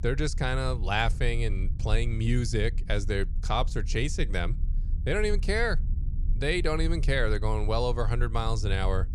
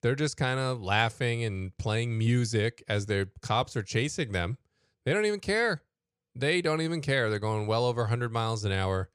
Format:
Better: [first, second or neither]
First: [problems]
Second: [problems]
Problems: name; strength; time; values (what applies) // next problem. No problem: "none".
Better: second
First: low rumble; faint; throughout; 20 dB below the speech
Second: none